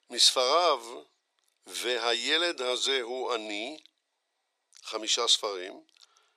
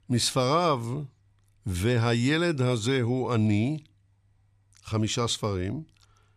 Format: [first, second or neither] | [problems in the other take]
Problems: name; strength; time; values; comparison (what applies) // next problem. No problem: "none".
second | thin; very; fading below 400 Hz